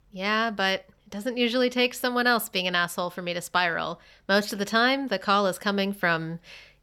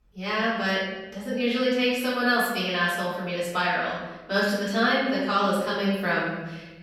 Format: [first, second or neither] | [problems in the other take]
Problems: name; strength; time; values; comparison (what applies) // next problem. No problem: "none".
first | off-mic speech; far // room echo; noticeable; dies away in 1 s